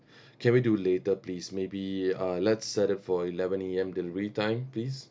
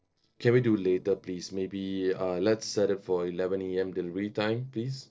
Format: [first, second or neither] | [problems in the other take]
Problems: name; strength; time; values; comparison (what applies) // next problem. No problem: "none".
first | noise reduction (neural separator model SepFormer DNS4)